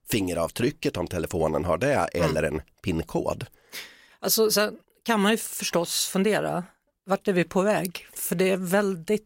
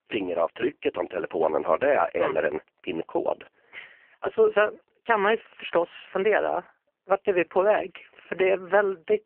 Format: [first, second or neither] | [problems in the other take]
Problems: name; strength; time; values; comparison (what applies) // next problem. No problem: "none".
first | phone-call audio; poor line; nothing above 3 kHz